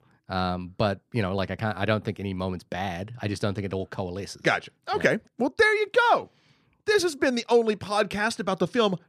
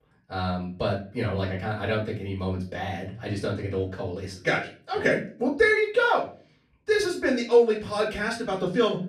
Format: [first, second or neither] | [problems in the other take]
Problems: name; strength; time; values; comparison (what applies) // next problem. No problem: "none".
first | off-mic speech; far // room echo; slight; dies away in 0.3 s